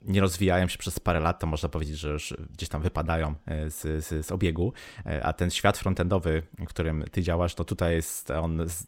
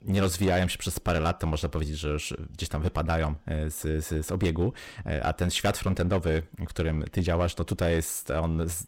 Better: first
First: none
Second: distortion; slight; 5% of the sound clipped

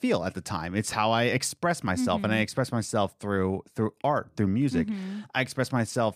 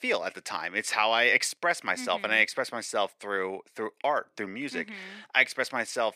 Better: first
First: none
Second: thin; very; fading below 500 Hz

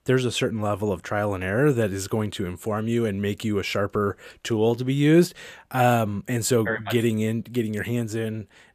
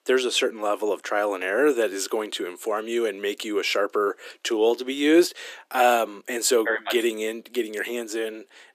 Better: first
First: none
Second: thin; somewhat; fading below 300 Hz

